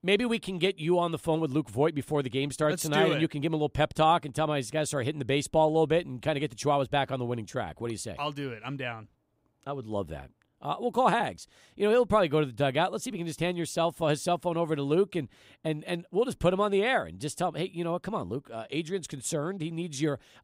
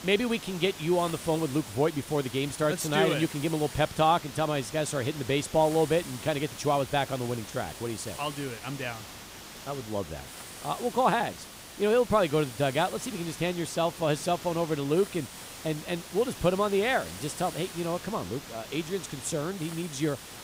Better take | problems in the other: first | hiss; noticeable; throughout; 10 dB below the speech

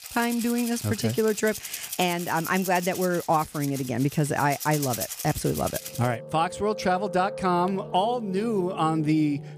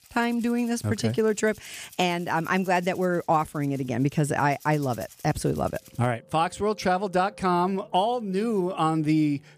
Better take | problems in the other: second | background music; loud; throughout; 10 dB below the speech; faint in the second

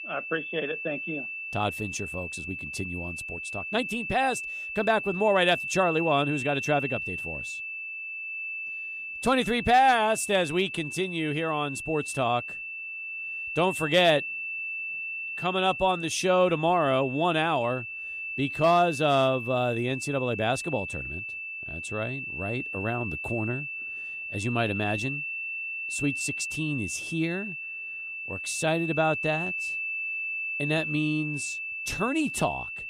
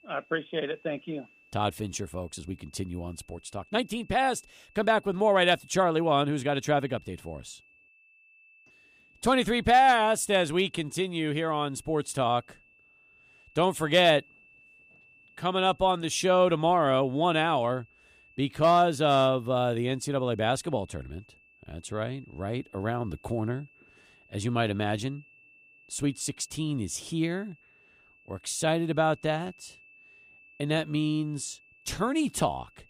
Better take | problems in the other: second | high-pitched whine; loud; throughout; 2.5 kHz, 5 dB below the speech; faint in the second

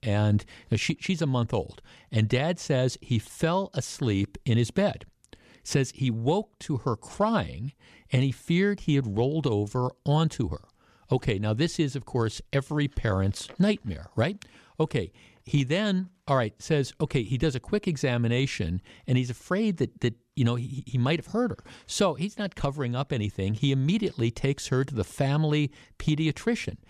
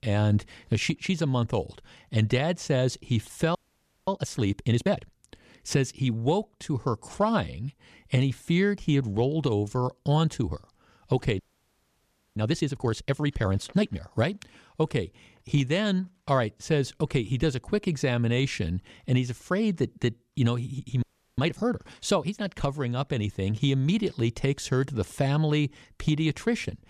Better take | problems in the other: first | audio freezing; at 3.5 s for 0.5 s, at 11 s for 1 s and at 21 s

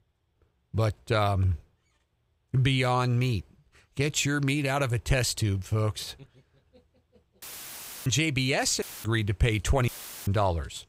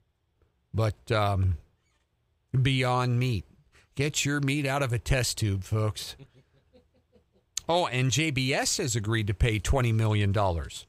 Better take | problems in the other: second | audio cutting out; filled with static; at 7.5 s for 0.5 s, at 9 s and at 10 s

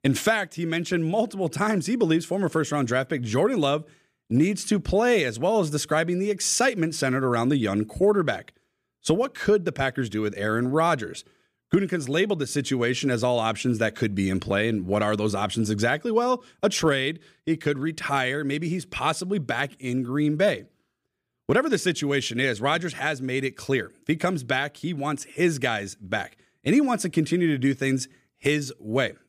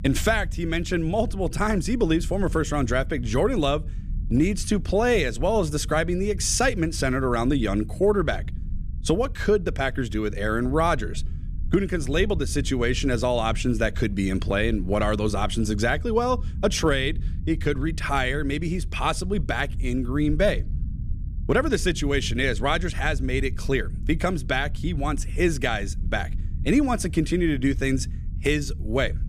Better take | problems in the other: first | low rumble; faint; throughout; 25 dB below the speech

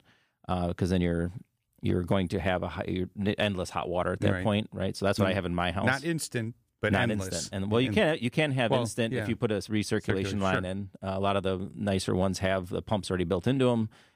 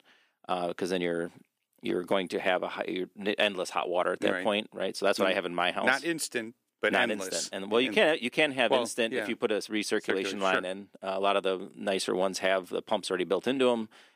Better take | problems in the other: first | thin; somewhat; fading below 300 Hz

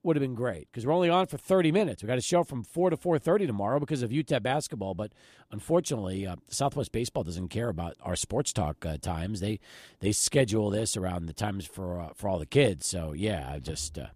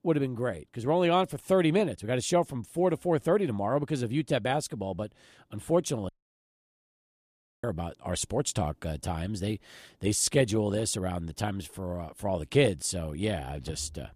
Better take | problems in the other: first | audio cutting out; at 6 s for 1.5 s

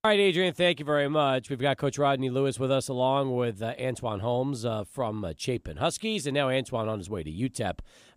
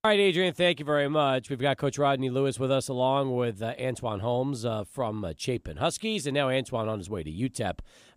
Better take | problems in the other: neither | none

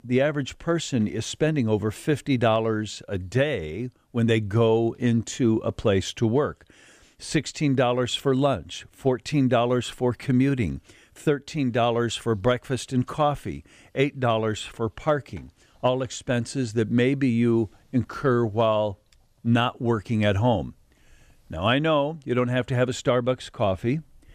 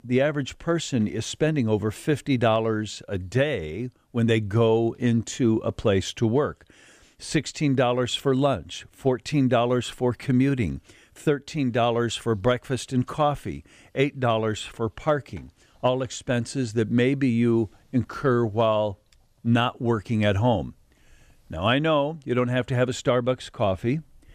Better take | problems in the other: neither | none

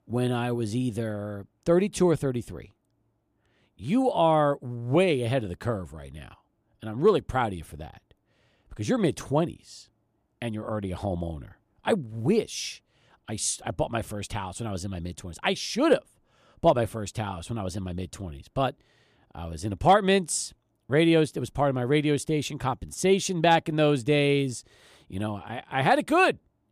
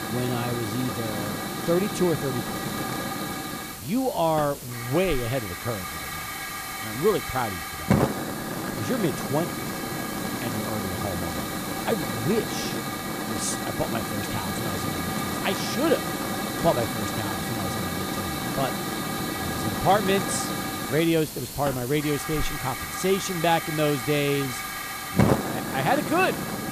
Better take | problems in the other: first | hiss; loud; throughout; 2 dB below the speech

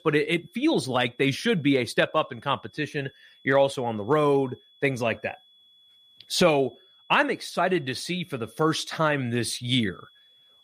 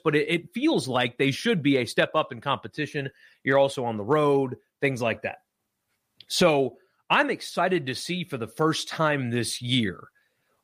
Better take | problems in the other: second | high-pitched whine; faint; throughout; 3.5 kHz, 30 dB below the speech

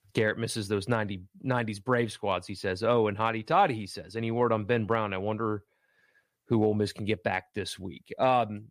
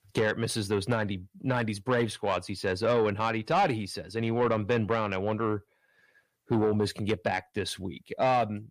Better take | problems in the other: first | distortion; slight; 10 dB below the speech

